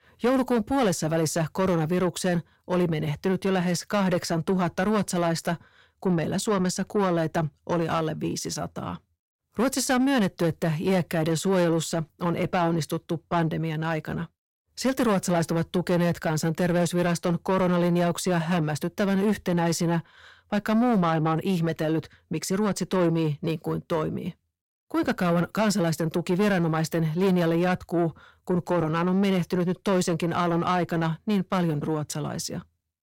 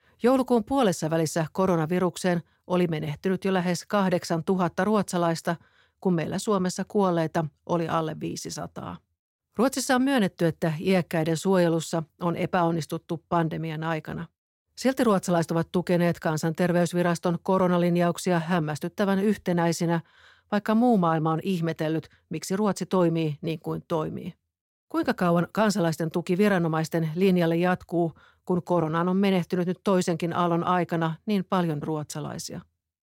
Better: second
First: distortion; slight; 10 dB below the speech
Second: none

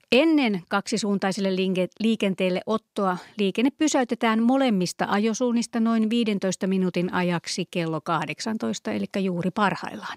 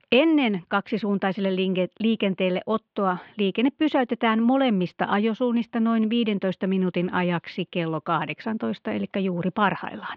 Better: first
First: none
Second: muffled; very; fading above 3.5 kHz

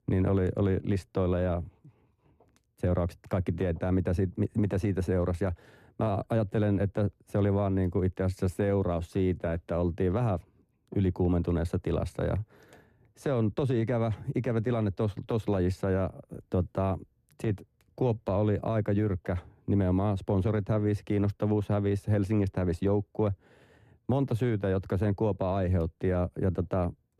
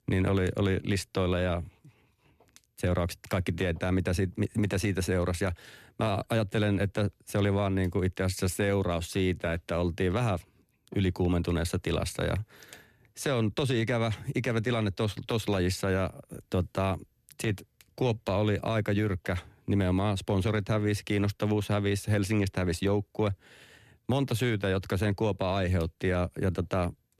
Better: second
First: muffled; slightly; fading above 1.5 kHz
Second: none

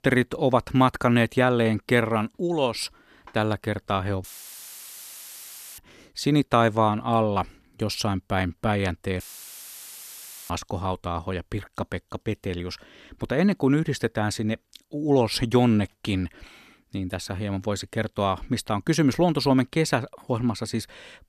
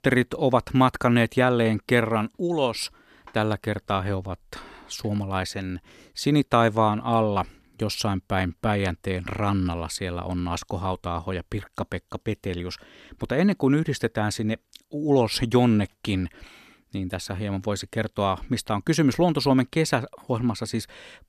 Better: second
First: audio cutting out; filled with static; at 4 s for 1.5 s and at 9 s for 1.5 s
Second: none

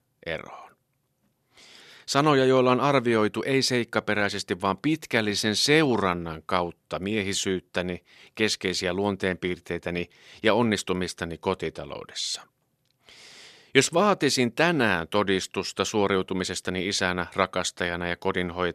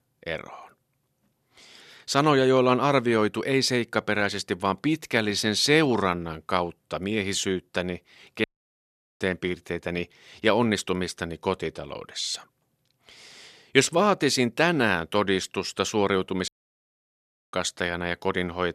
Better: first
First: none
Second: audio cutting out; at 8.5 s for 1 s and at 16 s for 1 s

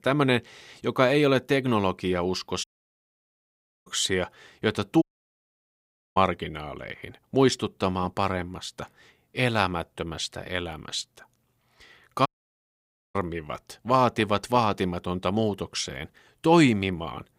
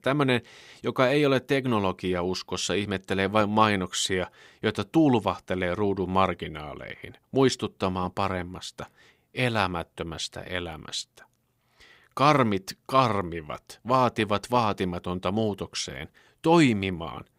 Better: second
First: audio cutting out; at 2.5 s for 1 s, at 5 s for 1 s and at 12 s for 1 s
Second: none

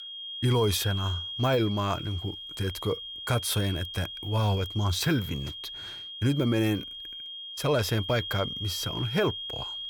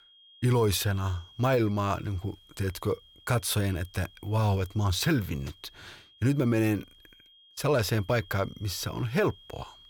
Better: second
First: high-pitched whine; loud; throughout; 3 kHz, 7 dB below the speech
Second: high-pitched whine; faint; throughout; 3 kHz, 25 dB below the speech

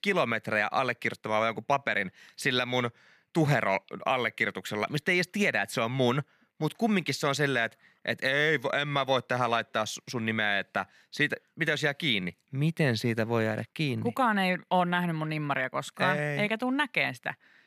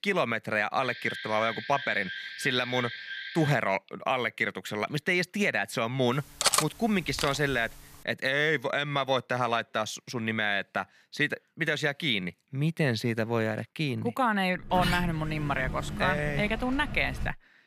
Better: first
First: none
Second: alarm; noticeable; from 1 to 3.5 s; peak 8 dB below the speech // clattering dishes; loud; at 6.5 s; peak 4 dB above the speech // door banging; noticeable; from 15 s on; peak 2 dB below the speech

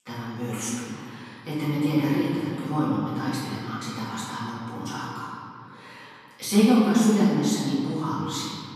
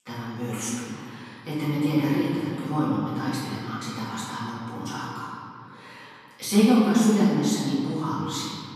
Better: neither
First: room echo; strong; dies away in 2.1 s // off-mic speech; far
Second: room echo; strong; dies away in 2.1 s // off-mic speech; far

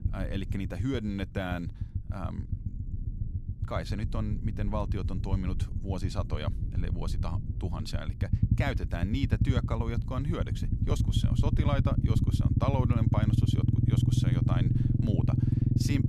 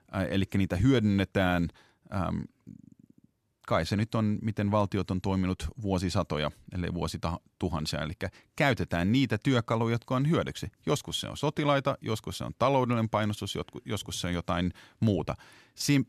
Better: second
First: low rumble; loud; throughout; 2 dB below the speech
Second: none

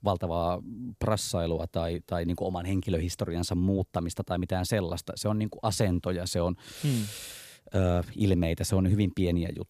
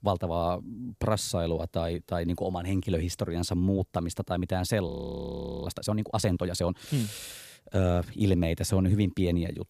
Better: first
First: none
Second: audio freezing; at 5 s for 1 s

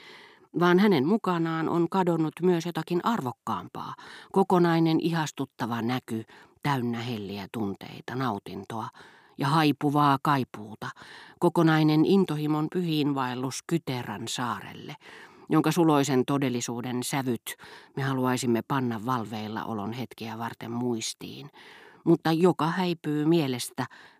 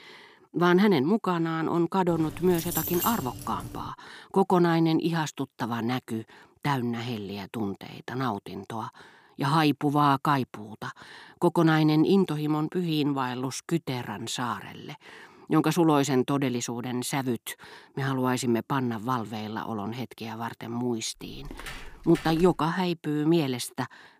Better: first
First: none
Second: jangling keys; noticeable; from 2 to 4 s; peak 2 dB below the speech // footsteps; faint; from 21 to 23 s; peak 10 dB below the speech

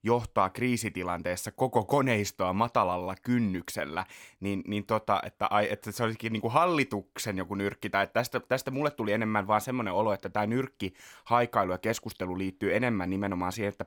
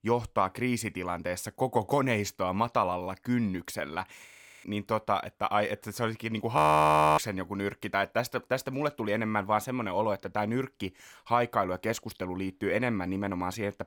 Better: first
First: none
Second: audio freezing; at 4.5 s and at 6.5 s for 0.5 s

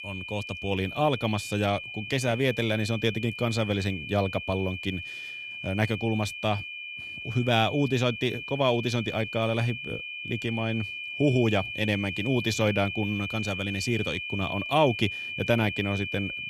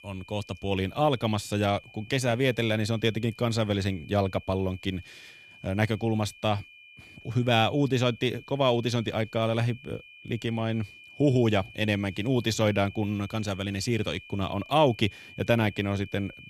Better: second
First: high-pitched whine; loud; throughout; 2.5 kHz, 7 dB below the speech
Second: high-pitched whine; faint; throughout; 2.5 kHz, 20 dB below the speech

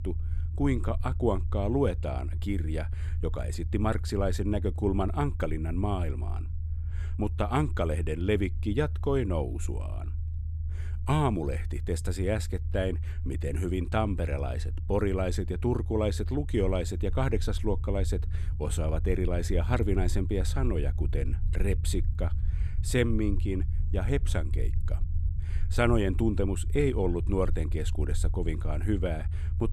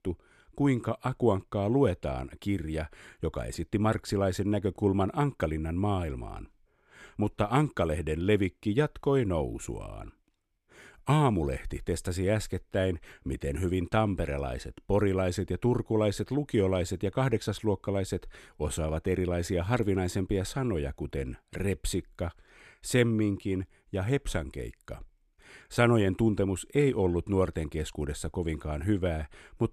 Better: second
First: low rumble; noticeable; throughout; 15 dB below the speech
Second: none

